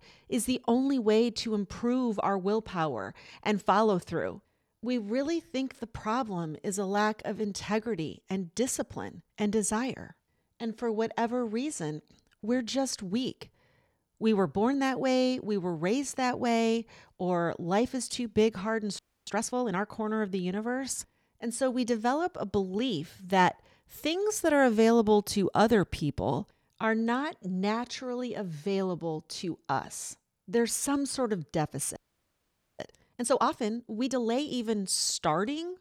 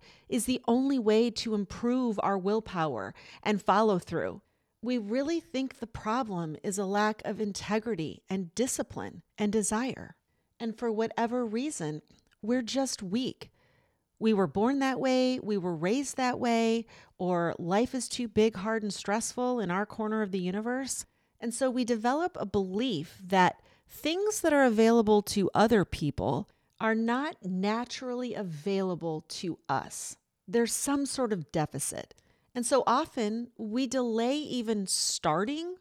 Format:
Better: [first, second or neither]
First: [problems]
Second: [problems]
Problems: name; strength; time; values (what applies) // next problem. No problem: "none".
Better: second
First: audio freezing; at 19 s and at 32 s for 1 s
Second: none